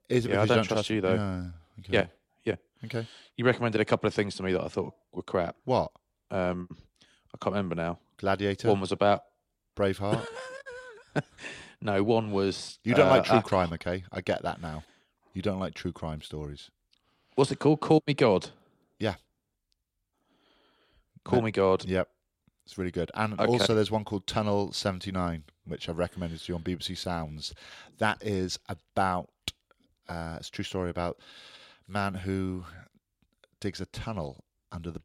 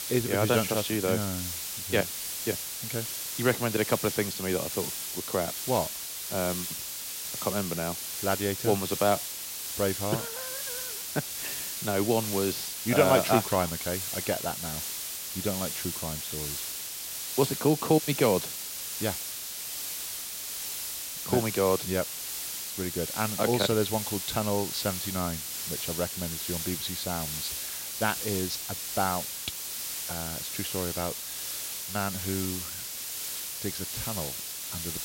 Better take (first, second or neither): first